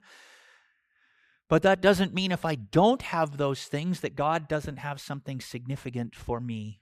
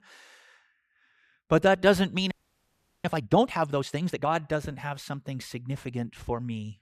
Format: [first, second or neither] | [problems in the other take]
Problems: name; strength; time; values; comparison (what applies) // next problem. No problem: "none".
first | audio freezing; at 2.5 s for 0.5 s